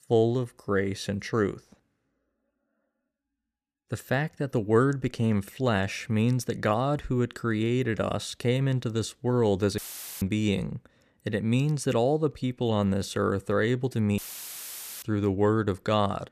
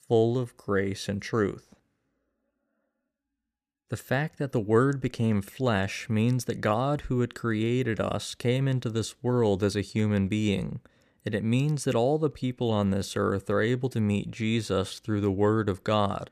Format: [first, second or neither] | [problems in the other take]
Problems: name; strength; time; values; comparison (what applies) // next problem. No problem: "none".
second | audio cutting out; filled with static; at 10 s and at 14 s for 1 s